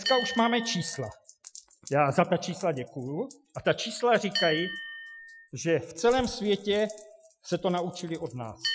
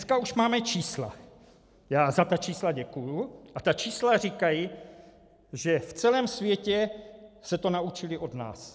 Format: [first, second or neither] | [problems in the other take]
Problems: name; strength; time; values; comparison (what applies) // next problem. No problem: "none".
second | noise reduction (classical method Wiener filter)